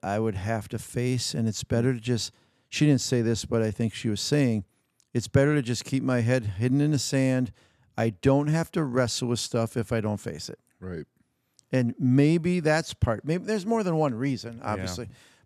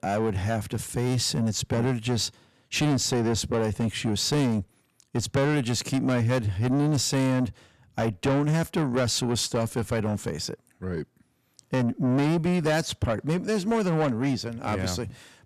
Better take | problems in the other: first | distortion; heavy; 7 dB below the speech

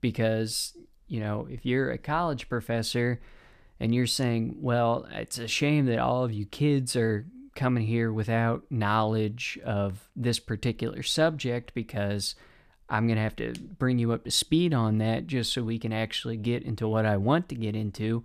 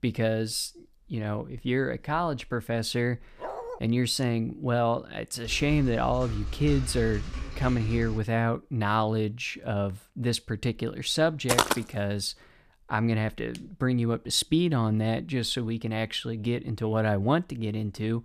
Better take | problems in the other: first | dog barking; noticeable; at 3.5 s; peak 9 dB below the speech // keyboard typing; noticeable; from 5.5 to 8 s; peak 7 dB below the speech // footsteps; loud; at 11 s; peak 4 dB above the speech

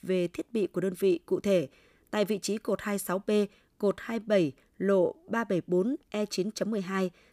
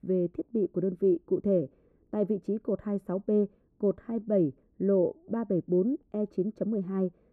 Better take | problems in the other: first | muffled; very; fading above 1.5 kHz

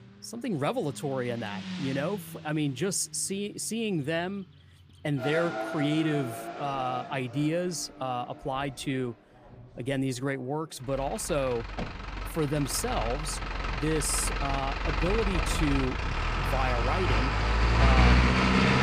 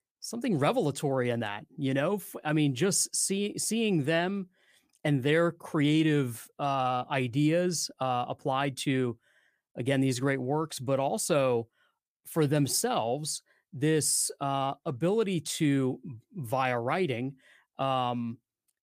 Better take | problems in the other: second | traffic noise; very loud; throughout; 2 dB above the speech

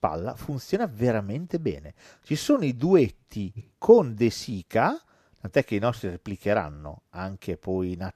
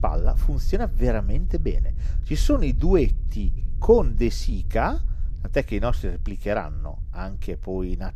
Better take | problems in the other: first | low rumble; faint; throughout; 25 dB below the speech

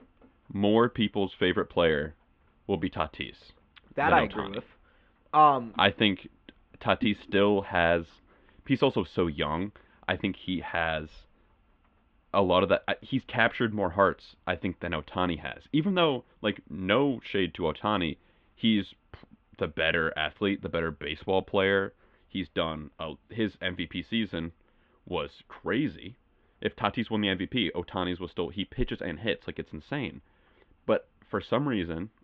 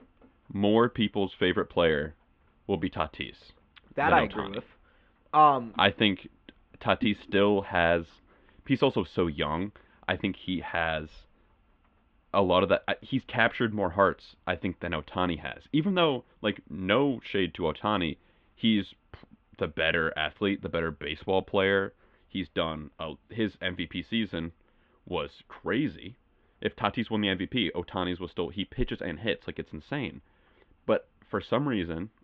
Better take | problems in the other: neither | muffled; very; fading above 3.5 kHz; the same in both

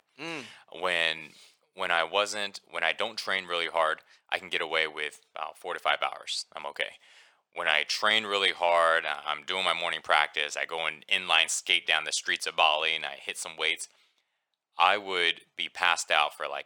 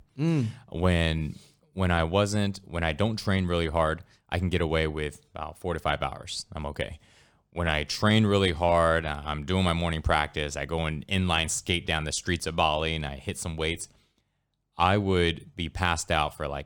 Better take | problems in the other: second | thin; very; fading below 700 Hz

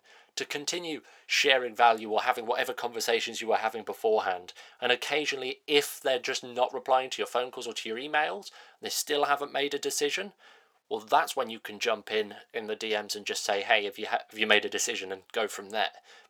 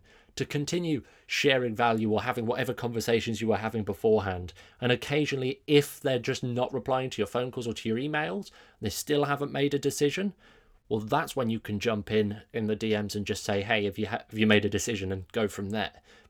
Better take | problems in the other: second | thin; very; fading below 550 Hz

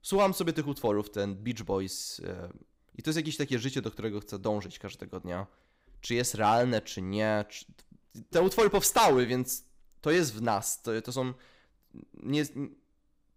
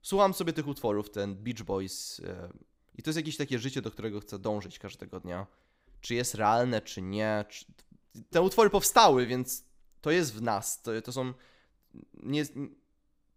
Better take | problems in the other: second | distortion; slight; 1.7% of the sound clipped

